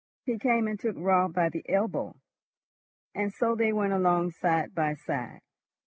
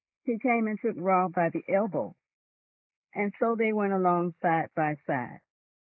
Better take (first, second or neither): first